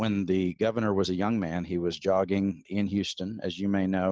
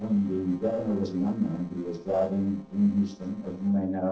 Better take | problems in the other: first | noise reduction (neural separator model SepFormer DNS4)

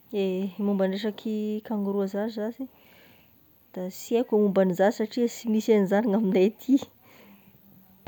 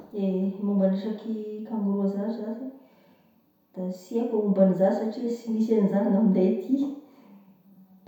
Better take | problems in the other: first | room echo; dies away in 0.7 s

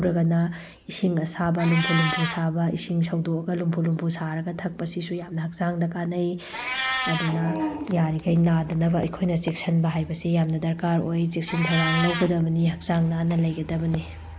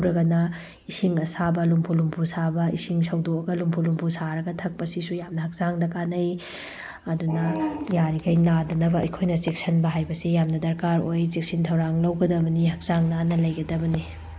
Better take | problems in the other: second | background sound (Meow); 11 dB below the speech

